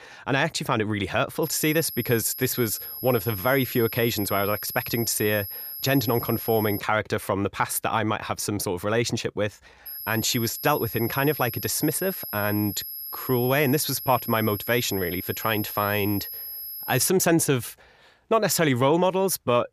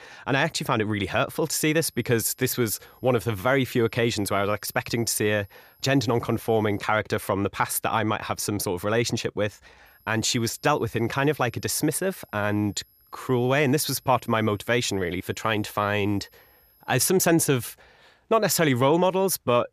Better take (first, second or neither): second